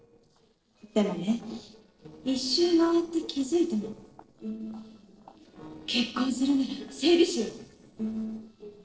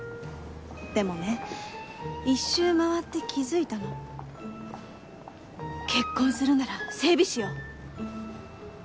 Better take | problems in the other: second | noise reduction (neural separator model SepFormer DNS4)

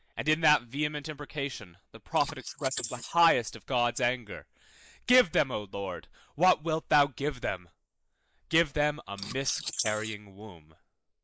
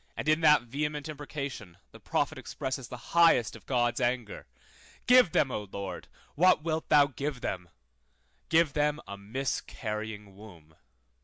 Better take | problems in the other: second | noise reduction (neural mask model Resemble Enhance denoiser)

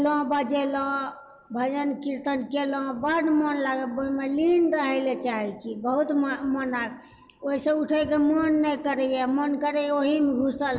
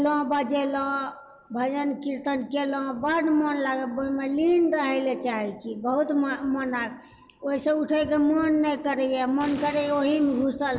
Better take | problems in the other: first | background sound (Explosion); 15 dB below the speech

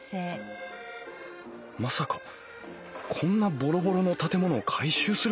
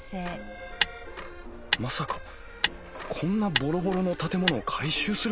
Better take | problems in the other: first | background sound (Motor vehicle (road)); 4 dB below the speech

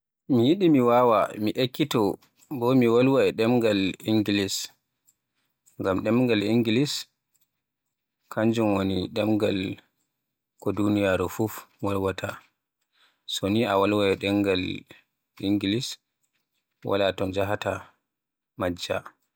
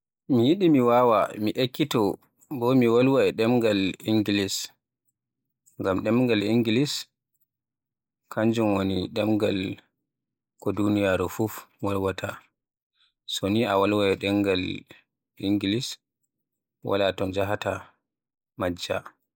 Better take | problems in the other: first | noise reduction (neural mask model Resemble Enhance denoiser)

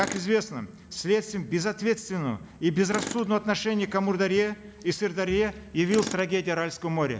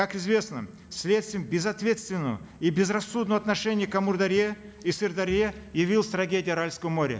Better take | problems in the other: second | background sound (Tools); 16 dB below the speech

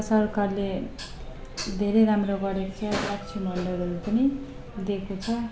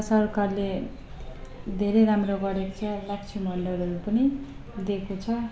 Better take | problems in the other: second | background sound (Dishes, pots, and pans); 13 dB below the speech

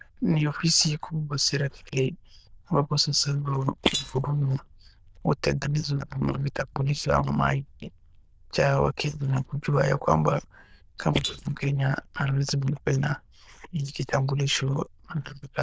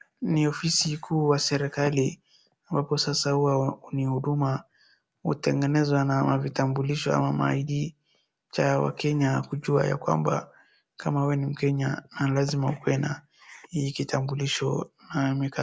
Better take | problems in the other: second | noise reduction (neural diffusion model UNIVERSE++)

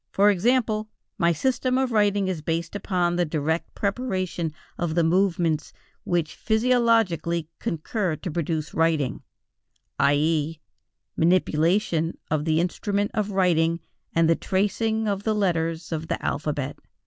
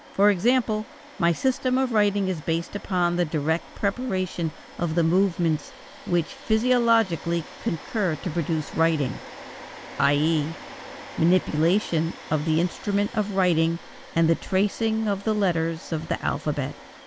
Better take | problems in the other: first | background sound (Domestic sounds, home sounds); 18 dB below the speech

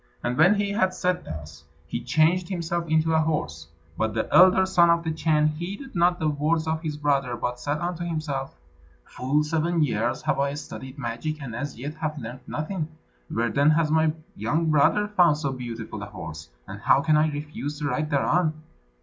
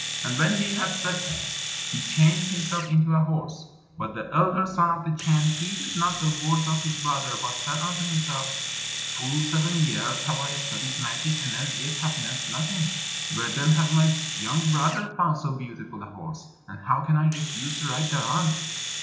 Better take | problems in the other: first | background sound (Domestic sounds, home sounds); 6 dB below the speech // room echo; dies away in 0.8 s

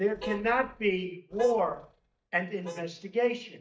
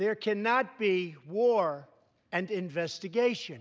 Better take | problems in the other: second | noise reduction (neural mask model DeepFilterNet 3)

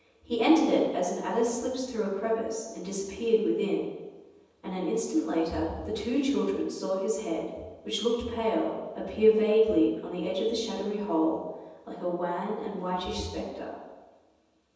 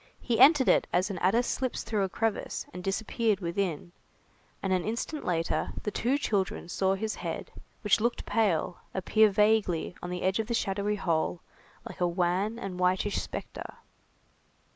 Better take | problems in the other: second | room echo; dies away in 1.1 s

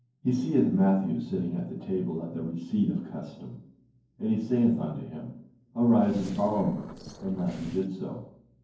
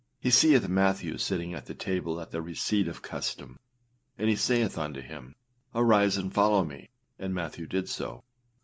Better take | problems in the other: second | noise reduction (neural separator model SepFormer DNS4)

